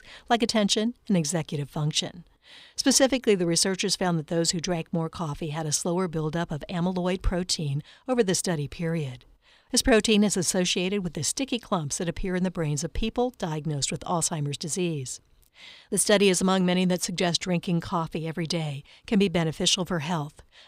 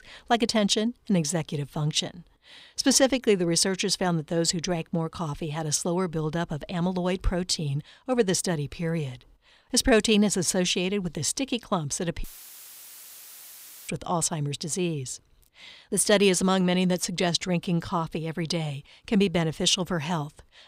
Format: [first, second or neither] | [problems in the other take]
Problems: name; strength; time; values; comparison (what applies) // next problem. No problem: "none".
first | audio cutting out; filled with static; at 12 s for 1.5 s